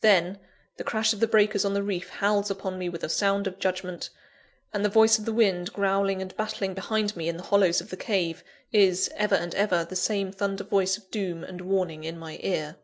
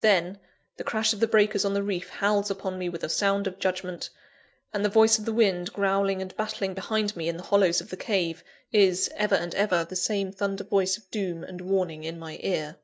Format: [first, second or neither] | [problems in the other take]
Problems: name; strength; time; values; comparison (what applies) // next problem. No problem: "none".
first | noise reduction (neural mask model DeepFilterNet 3)